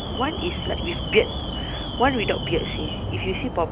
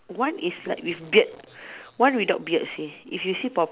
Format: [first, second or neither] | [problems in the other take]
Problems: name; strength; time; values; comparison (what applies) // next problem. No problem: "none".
second | background sound (Alarm); 3 dB below the speech